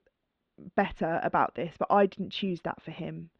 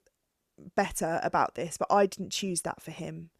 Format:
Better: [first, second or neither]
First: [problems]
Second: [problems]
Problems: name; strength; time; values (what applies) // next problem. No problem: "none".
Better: second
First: muffled; very; fading above 3.5 kHz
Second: none